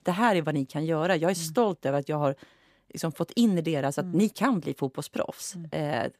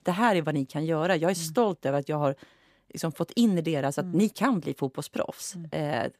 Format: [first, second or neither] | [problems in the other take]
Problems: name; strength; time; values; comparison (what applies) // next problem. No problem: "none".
neither | none